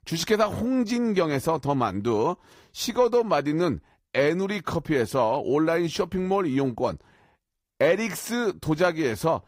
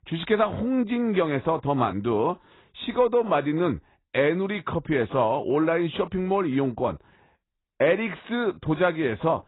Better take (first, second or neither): first